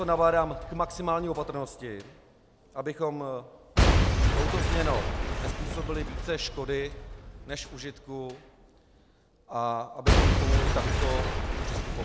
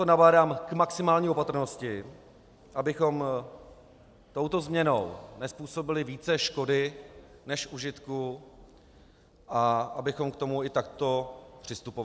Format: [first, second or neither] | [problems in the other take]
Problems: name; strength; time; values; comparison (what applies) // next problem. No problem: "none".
second | background sound (Shatter / Crushing / Boom); 4 dB above the speech